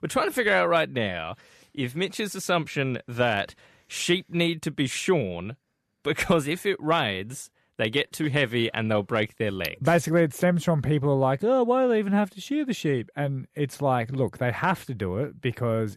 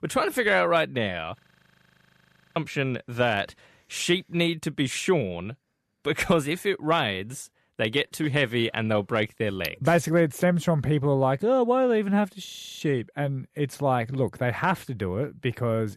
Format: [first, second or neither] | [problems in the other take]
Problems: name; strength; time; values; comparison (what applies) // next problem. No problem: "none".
first | audio freezing; at 1.5 s for 1 s and at 12 s